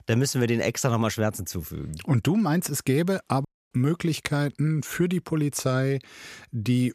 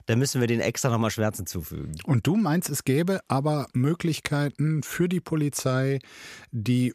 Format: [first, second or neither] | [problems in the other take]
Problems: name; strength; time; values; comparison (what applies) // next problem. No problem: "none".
second | audio cutting out; at 3.5 s